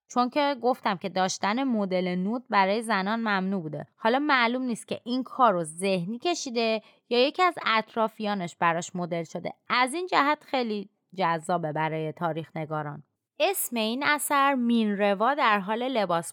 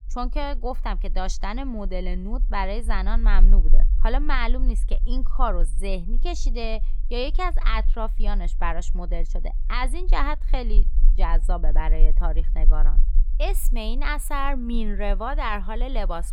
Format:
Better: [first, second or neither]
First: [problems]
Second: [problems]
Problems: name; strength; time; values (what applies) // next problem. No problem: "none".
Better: first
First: none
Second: low rumble; faint; throughout; 25 dB below the speech